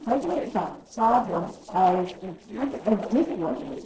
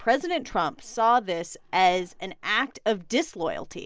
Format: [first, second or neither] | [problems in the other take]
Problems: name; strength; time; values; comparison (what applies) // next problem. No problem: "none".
second | noise reduction (neural separator model SepFormer DNS4)